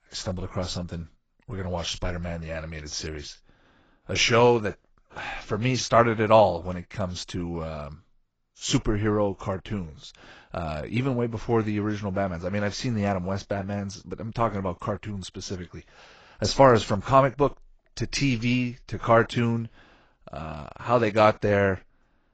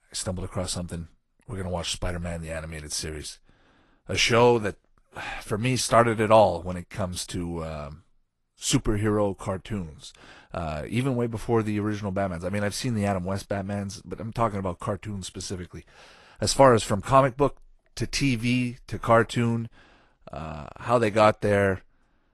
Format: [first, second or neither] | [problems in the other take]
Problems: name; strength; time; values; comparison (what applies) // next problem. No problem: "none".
second | garbled, watery; badly; nothing above 7.5 kHz; slightly in the second